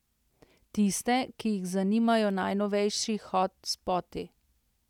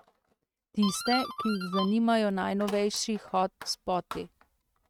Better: first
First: none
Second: noise reduction (neural mask model RNNoise)

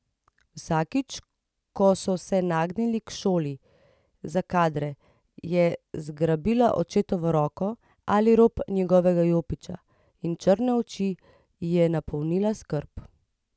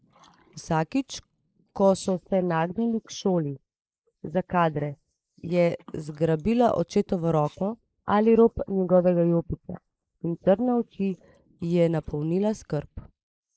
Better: first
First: none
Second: noise reduction (neural mask model Resemble Enhance denoiser)

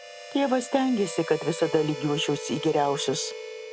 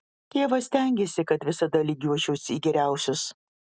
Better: second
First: background sound (Harmonica); 11 dB below the speech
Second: none

